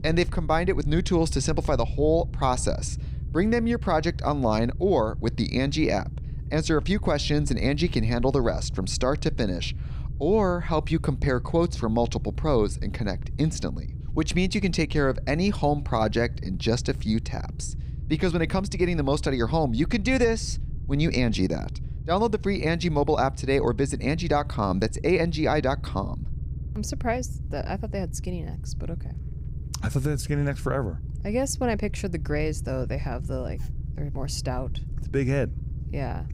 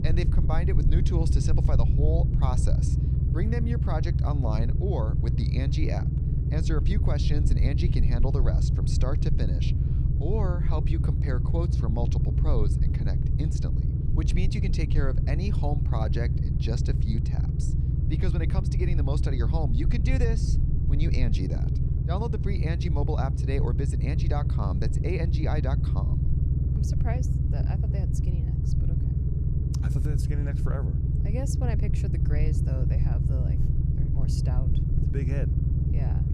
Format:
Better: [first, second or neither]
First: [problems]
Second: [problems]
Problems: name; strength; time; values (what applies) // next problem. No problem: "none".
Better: first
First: low rumble; faint; throughout; 20 dB below the speech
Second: low rumble; loud; throughout; 2 dB below the speech